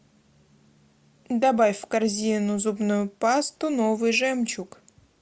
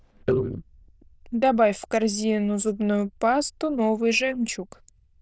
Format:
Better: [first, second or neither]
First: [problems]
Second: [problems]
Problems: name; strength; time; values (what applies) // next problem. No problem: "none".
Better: first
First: none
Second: noise reduction (neural diffusion model UNIVERSE++)